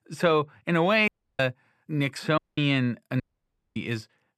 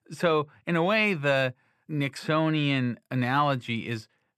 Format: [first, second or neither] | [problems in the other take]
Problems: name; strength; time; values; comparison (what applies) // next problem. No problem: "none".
second | audio cutting out; at 1 s, at 2.5 s and at 3 s for 0.5 s